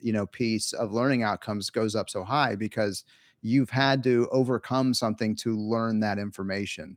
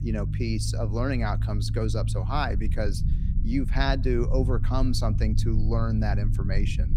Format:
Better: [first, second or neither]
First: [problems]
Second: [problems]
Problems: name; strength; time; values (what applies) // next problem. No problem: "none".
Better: first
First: none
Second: low rumble; noticeable; throughout; 10 dB below the speech